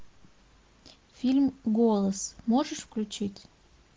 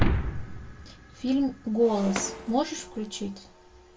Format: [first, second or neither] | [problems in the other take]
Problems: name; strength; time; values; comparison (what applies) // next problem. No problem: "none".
first | background sound (Shatter); 4 dB below the speech // room echo; dies away in 0.2 s